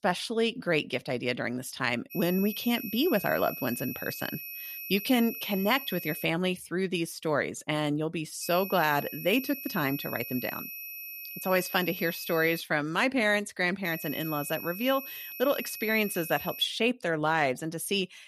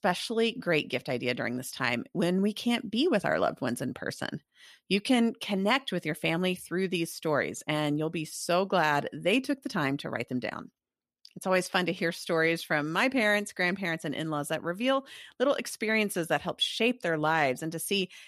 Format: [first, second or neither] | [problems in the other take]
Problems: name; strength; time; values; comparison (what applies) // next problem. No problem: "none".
second | high-pitched whine; loud; from 2 to 6 s, from 8.5 to 13 s and from 14 to 17 s; 2.5 kHz, 9 dB below the speech